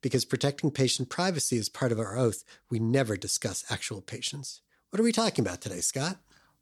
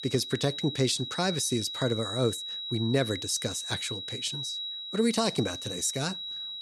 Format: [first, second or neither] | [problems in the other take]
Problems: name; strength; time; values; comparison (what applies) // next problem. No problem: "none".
first | high-pitched whine; loud; throughout; 4 kHz, 5 dB below the speech